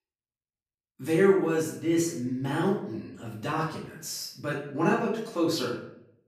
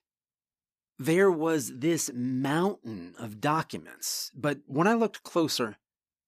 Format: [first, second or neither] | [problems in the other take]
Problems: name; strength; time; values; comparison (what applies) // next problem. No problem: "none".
second | off-mic speech; far // room echo; noticeable; dies away in 0.6 s